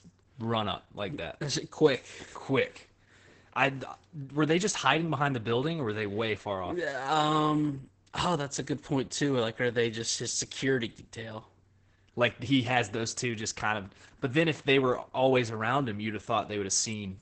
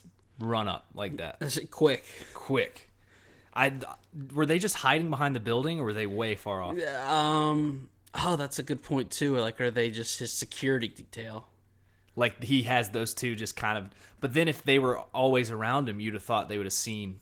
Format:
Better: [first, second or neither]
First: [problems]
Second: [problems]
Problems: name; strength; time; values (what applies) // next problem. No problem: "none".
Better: second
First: garbled, watery; badly; nothing above 8 kHz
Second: garbled, watery; slightly; nothing above 17.5 kHz